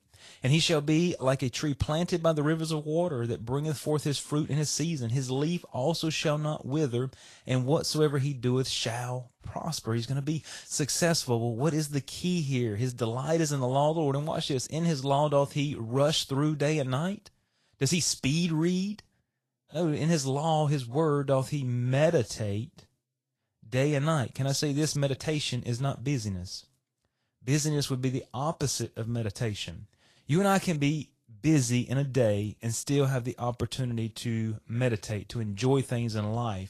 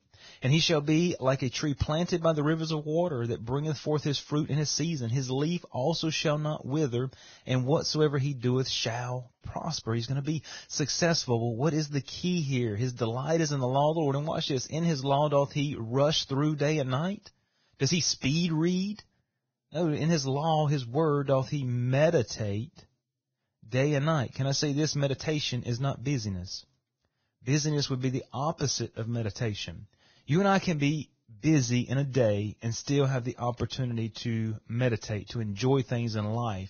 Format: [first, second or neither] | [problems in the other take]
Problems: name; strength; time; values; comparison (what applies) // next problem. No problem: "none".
first | garbled, watery; badly; nothing above 6.5 kHz; slightly in the first